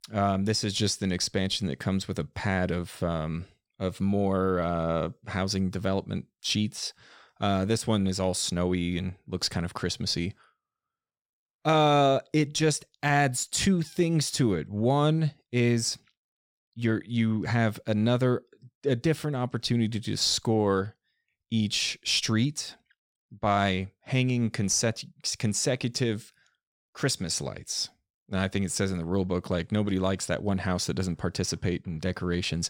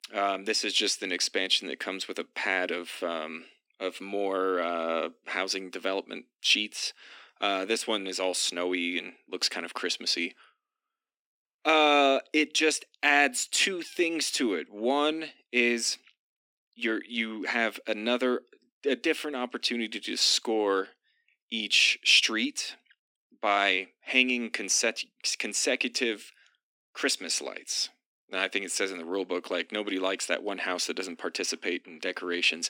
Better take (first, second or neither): first